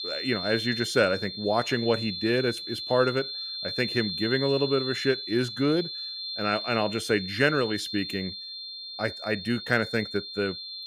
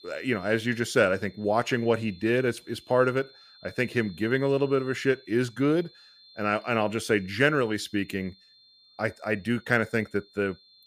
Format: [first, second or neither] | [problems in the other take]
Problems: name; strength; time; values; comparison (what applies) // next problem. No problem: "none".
second | high-pitched whine; loud; throughout; 4 kHz, 6 dB below the speech; faint in the second